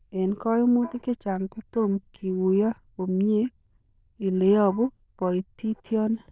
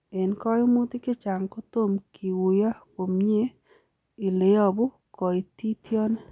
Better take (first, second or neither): second